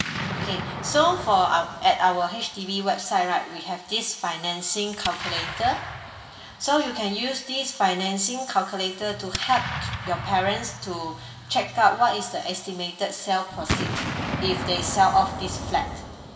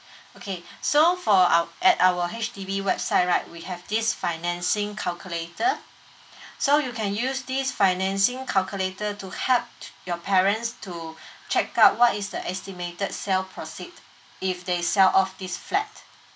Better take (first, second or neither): second